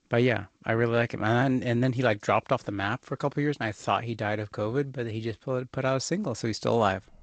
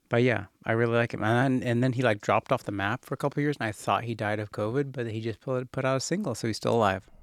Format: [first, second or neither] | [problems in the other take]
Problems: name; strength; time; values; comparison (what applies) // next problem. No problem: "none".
second | garbled, watery; slightly; nothing above 7.5 kHz